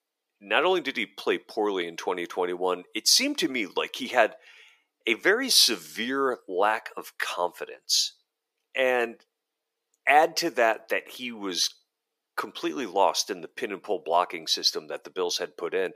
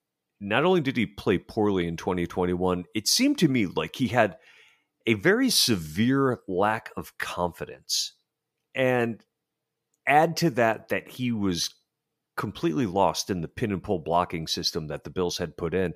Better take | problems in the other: second | thin; somewhat; fading below 350 Hz

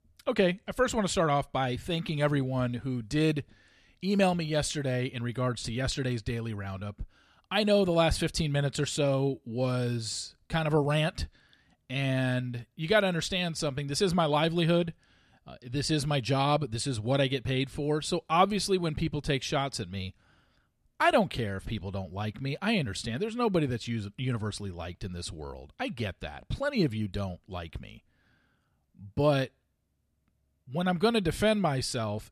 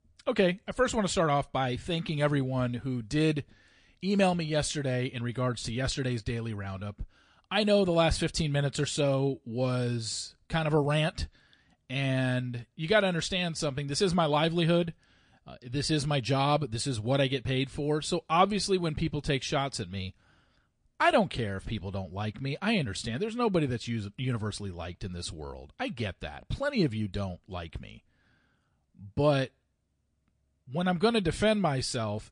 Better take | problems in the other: first | garbled, watery; slightly; nothing above 9 kHz

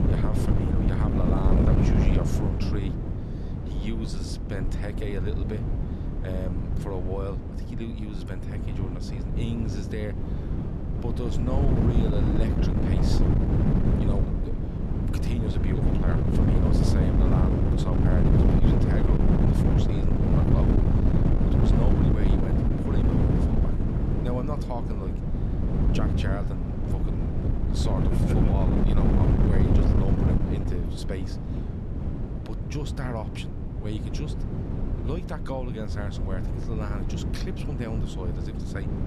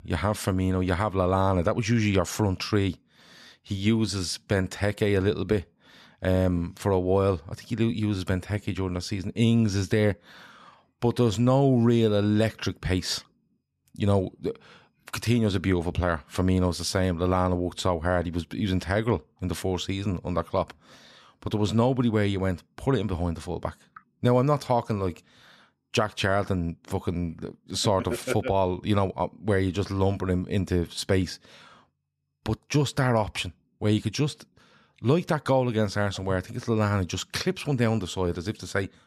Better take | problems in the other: second | wind noise on the microphone; heavy; 4 dB above the speech

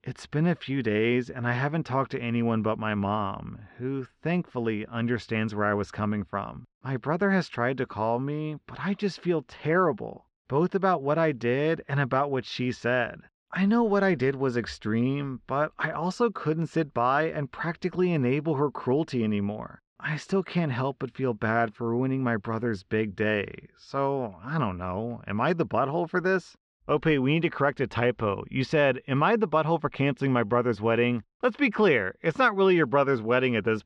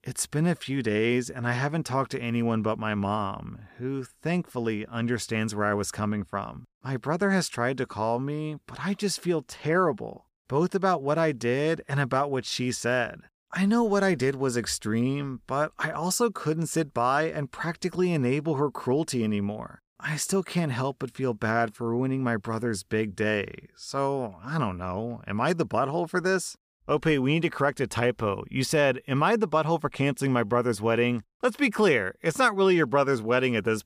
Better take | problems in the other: second | muffled; slightly; fading above 3.5 kHz

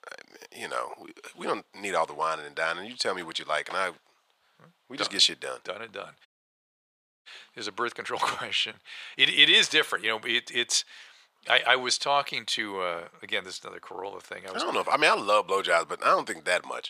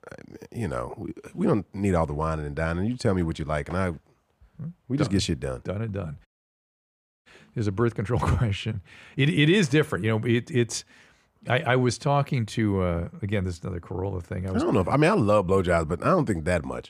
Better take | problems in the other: second | thin; very; fading below 750 Hz

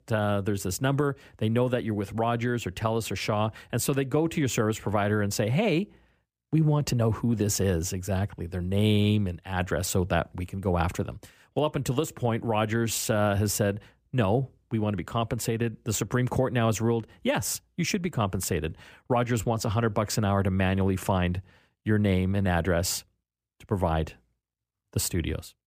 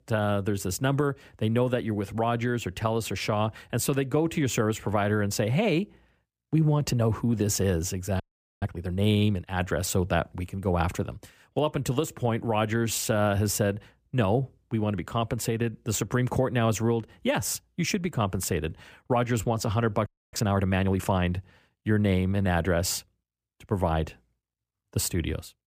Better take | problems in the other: first | audio freezing; at 8 s and at 20 s

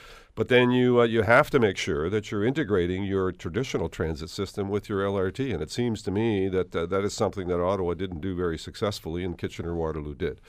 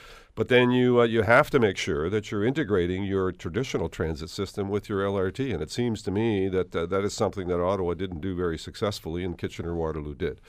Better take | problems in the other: neither | none

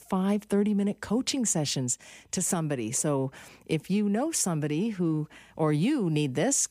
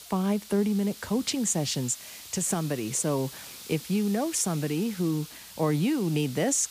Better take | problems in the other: first | hiss; noticeable; throughout; 15 dB below the speech

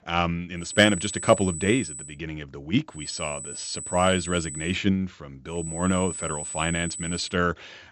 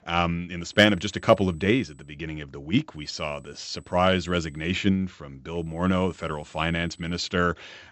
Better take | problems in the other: second | high-pitched whine; loud; from 0.5 to 2 s, from 3 to 4.5 s and from 5.5 to 7.5 s; 8 kHz, 8 dB below the speech; faint in the second

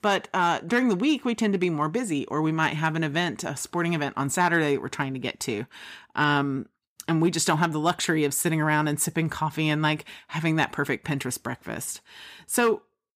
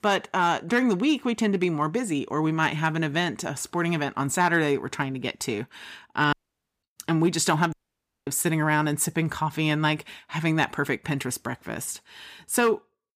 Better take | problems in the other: first | audio cutting out; at 6.5 s for 0.5 s and at 7.5 s for 0.5 s

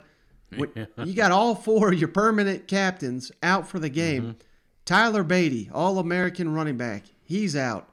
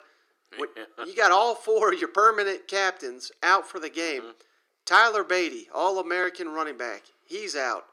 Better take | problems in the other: first | thin; very; fading below 350 Hz

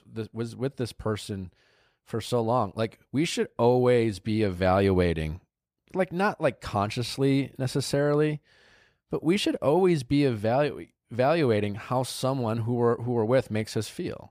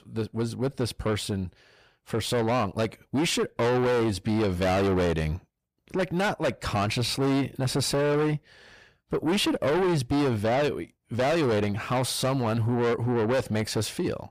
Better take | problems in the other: first | distortion; heavy; 6 dB below the speech

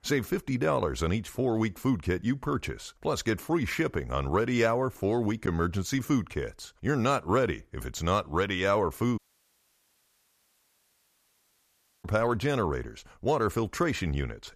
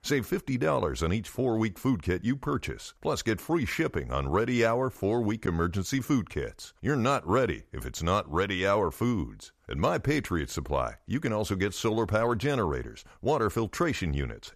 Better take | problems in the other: second | audio cutting out; at 9 s for 3 s

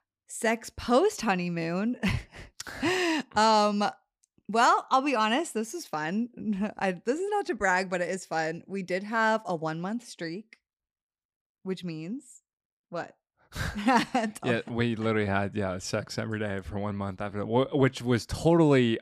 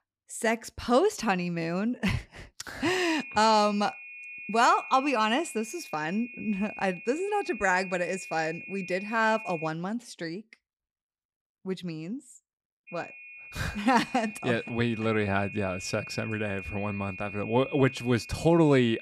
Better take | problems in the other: first | high-pitched whine; noticeable; from 3 to 9.5 s and from 13 s on; 2.5 kHz, 15 dB below the speech

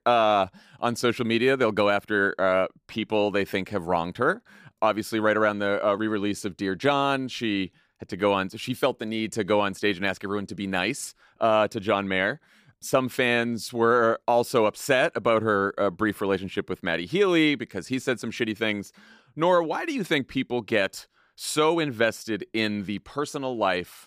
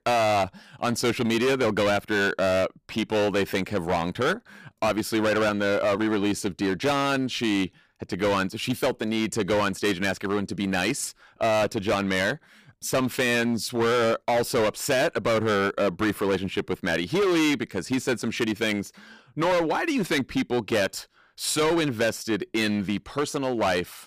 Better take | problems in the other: first | distortion; heavy; 16% of the sound clipped

